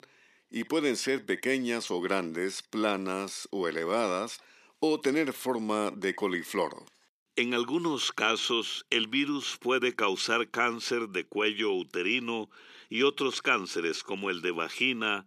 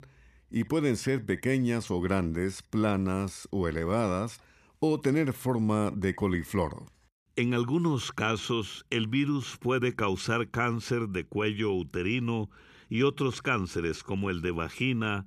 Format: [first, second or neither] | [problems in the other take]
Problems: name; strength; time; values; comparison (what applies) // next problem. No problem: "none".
second | thin; somewhat; fading below 300 Hz